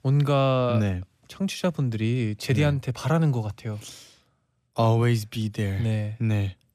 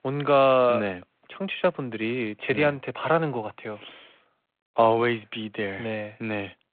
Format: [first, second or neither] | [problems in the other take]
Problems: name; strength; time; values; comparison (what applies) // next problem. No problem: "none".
first | phone-call audio; nothing above 3.5 kHz